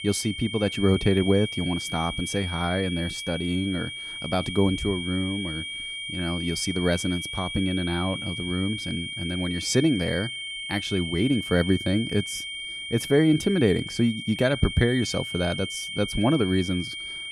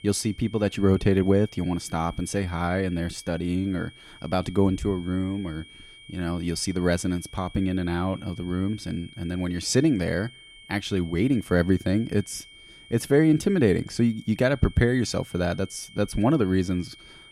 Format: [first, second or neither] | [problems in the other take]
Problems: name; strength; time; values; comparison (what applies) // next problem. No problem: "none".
second | high-pitched whine; loud; throughout; 3 kHz, 6 dB below the speech; faint in the second